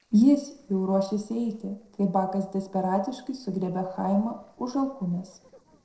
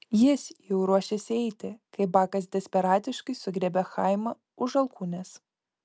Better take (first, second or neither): second